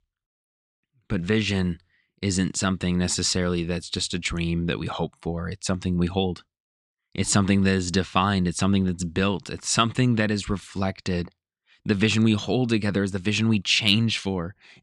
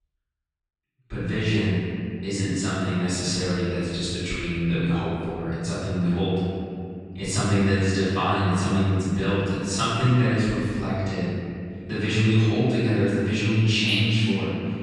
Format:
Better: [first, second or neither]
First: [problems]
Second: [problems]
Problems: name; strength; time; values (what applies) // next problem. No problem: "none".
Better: first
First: none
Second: off-mic speech; far // room echo; strong; dies away in 2.4 s